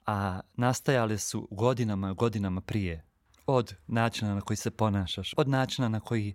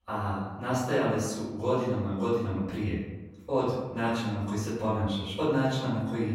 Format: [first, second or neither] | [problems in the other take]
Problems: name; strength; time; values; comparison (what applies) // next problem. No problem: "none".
first | off-mic speech; far // room echo; noticeable; dies away in 1 s